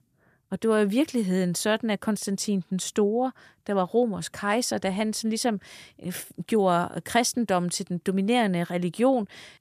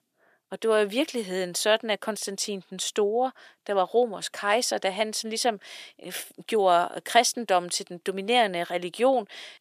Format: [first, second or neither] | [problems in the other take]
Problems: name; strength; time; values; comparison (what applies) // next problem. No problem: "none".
first | thin; somewhat; fading below 400 Hz